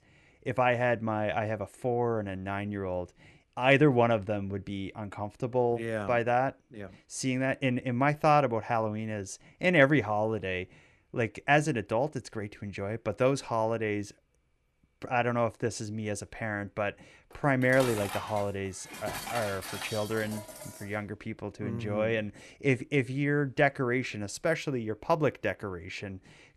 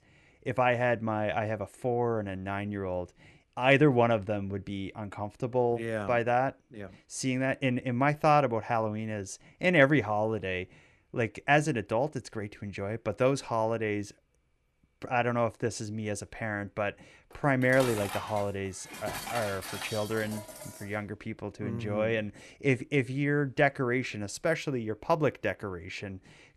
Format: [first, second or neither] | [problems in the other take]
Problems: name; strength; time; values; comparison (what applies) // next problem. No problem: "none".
neither | clattering dishes; noticeable; from 17 to 21 s; peak 6 dB below the speech; the same in both